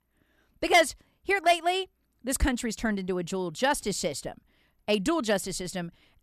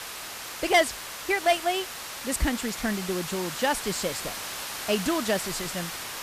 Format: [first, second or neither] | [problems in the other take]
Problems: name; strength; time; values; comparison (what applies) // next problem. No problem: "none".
first | hiss; loud; throughout; 6 dB below the speech